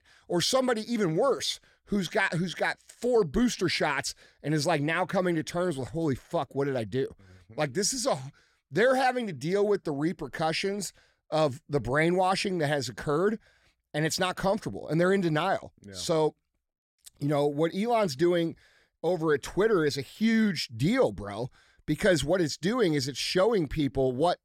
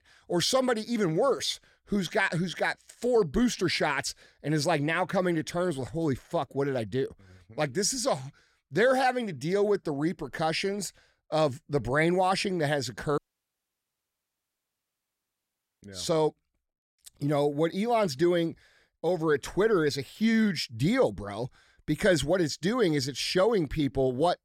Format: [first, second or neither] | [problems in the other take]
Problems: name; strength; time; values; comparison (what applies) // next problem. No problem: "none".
first | audio cutting out; at 13 s for 2.5 s